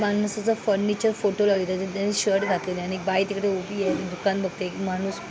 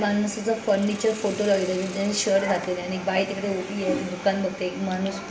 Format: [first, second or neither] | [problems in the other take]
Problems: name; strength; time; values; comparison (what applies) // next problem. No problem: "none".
first | background sound (Hiss); 19 dB below the speech // room echo; dies away in 1.6 s